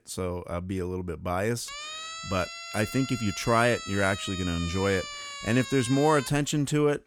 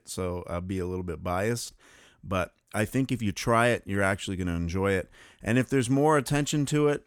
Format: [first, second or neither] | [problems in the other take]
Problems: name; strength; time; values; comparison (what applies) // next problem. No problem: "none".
second | siren; noticeable; from 1.5 to 6.5 s; peak 8 dB below the speech